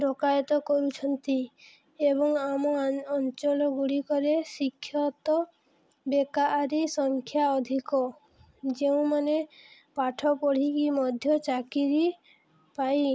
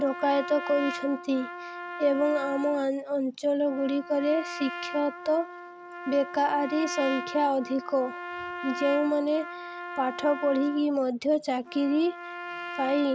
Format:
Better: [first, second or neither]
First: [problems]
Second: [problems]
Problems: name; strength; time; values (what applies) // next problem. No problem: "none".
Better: first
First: none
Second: background sound (Trumpet); 11 dB below the speech